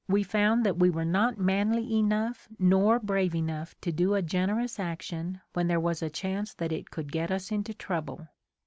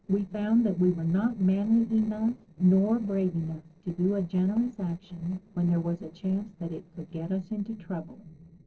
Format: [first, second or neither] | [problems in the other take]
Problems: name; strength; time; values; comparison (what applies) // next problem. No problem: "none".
first | noise reduction (neural separator model SepFormer DNS4)